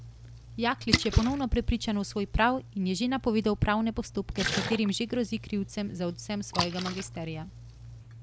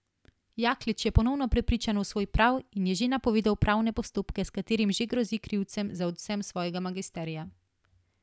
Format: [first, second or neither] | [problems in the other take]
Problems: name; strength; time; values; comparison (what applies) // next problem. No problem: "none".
second | background sound (Splash, splatter); 8 dB below the speech